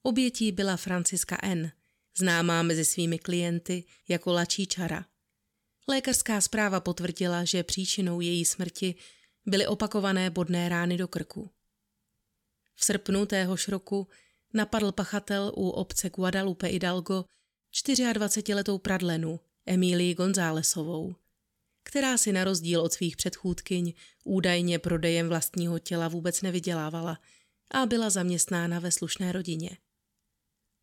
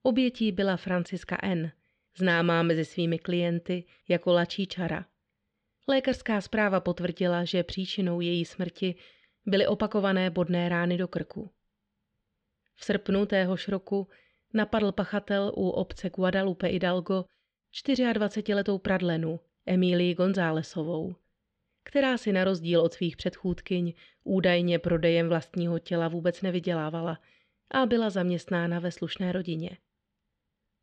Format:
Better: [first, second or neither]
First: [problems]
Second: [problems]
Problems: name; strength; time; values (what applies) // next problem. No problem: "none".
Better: first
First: none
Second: muffled; very; fading above 3.5 kHz